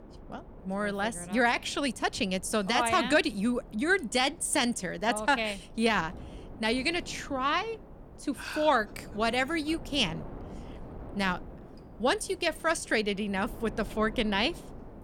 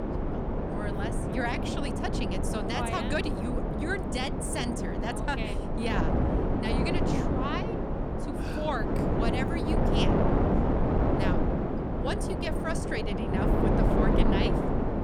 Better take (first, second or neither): first